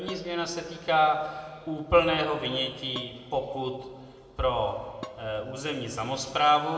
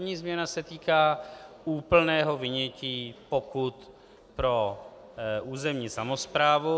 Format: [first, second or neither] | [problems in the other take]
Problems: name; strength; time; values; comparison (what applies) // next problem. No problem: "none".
second | background sound (Dishes, pots, and pans); 20 dB below the speech // room echo; dies away in 1.5 s